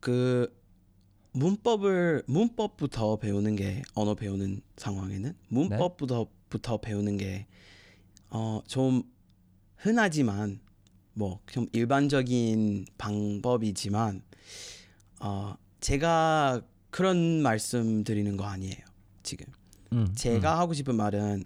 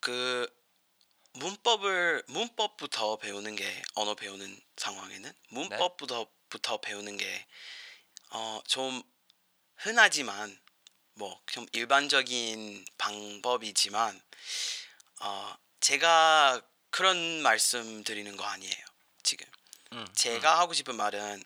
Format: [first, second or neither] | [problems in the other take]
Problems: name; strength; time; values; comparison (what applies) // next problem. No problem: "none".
first | thin; very; fading below 950 Hz